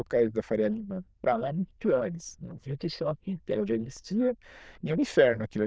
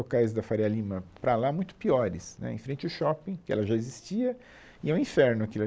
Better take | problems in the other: second | noise reduction (neural diffusion model UNIVERSE++)

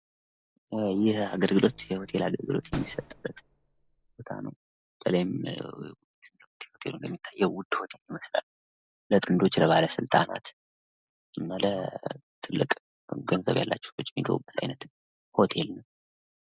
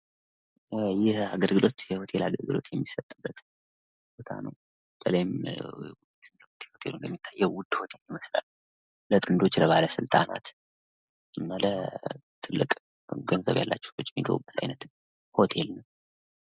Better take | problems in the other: second | background sound (Slam); 17 dB below the speech

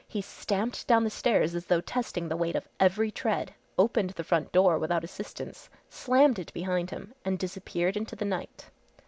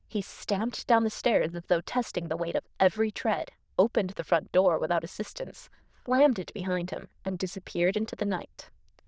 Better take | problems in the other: first | noise reduction (neural diffusion model UNIVERSE++)

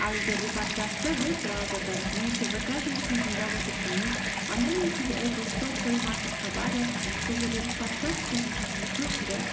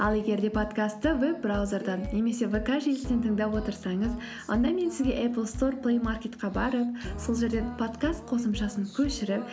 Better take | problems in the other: second | background sound (Bathtub (filling or washing) / Water tap, faucet); as loud as the speech // room echo; dies away in 2.7 s

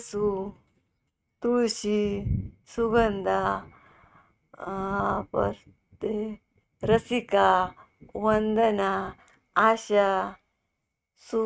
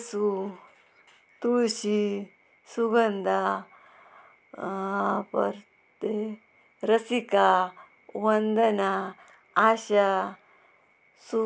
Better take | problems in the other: second | noise reduction (neural mask model RNNoise)

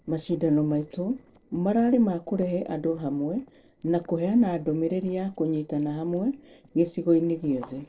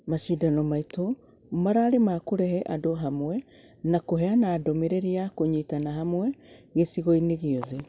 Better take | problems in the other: second | noise reduction (neural separator model SepFormer DNS4)

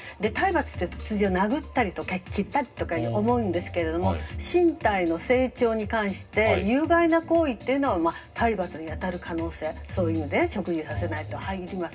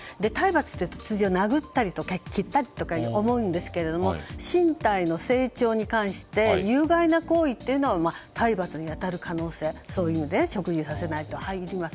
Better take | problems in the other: second | room echo; dies away in 0.2 s

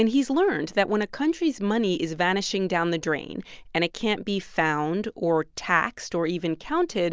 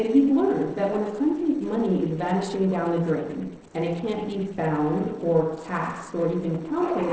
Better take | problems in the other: first | noise reduction (neural separator model SepFormer DNS4)

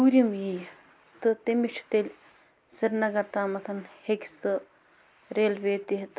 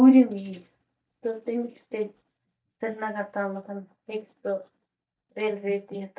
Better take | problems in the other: first | noise reduction (neural mask model DeepFilterNet 3)

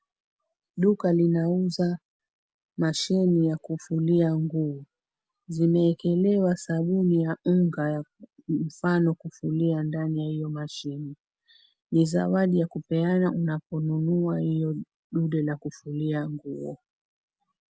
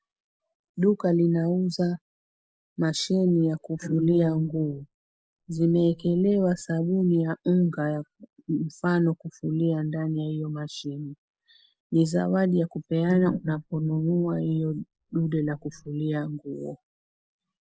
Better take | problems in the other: first | noise reduction (neural mask model Resemble Enhance denoiser)

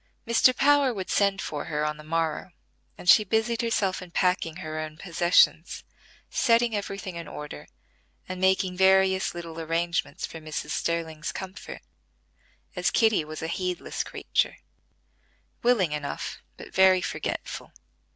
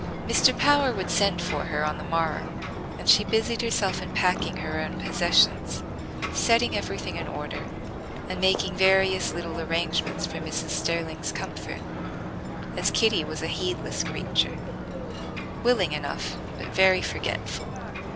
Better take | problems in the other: first | background sound (Ocean); 5 dB below the speech

